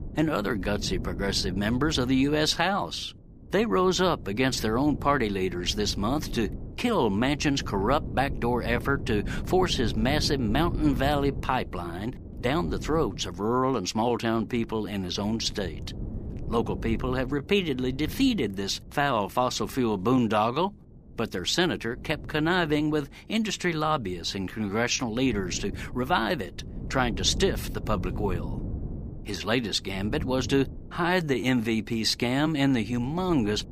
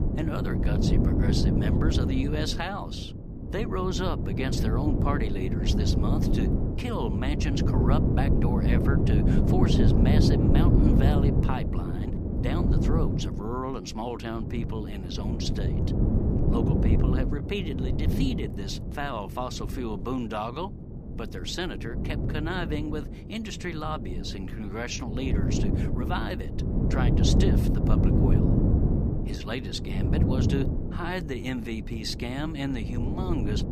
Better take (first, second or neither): first